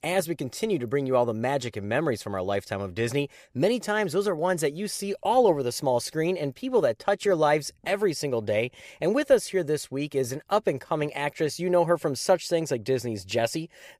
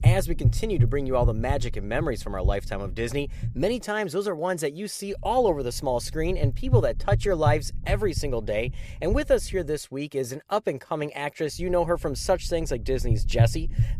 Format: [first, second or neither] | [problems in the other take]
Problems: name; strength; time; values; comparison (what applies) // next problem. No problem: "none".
first | low rumble; noticeable; until 4 s, from 5 to 10 s and from 12 s on; 15 dB below the speech